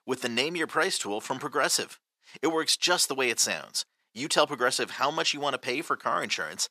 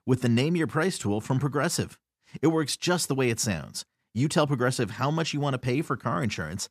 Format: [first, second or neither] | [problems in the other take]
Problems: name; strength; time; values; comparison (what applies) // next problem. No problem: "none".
second | thin; very; fading below 500 Hz